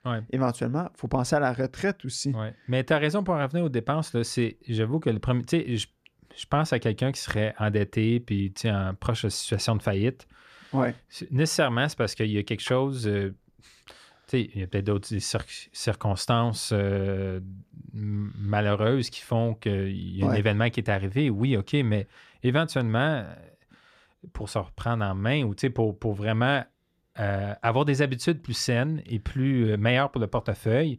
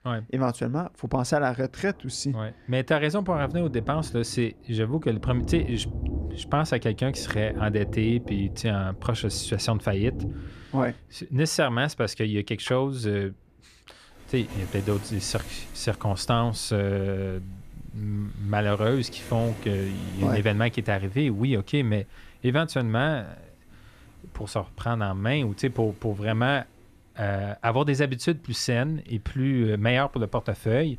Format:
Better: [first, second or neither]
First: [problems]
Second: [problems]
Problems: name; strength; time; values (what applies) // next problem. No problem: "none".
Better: first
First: none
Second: rain or running water; noticeable; throughout; 10 dB below the speech